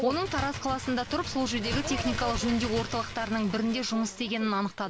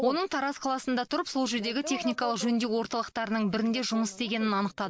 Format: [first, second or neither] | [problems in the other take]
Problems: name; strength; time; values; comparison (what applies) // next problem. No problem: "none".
second | background sound (Bird); 8 dB below the speech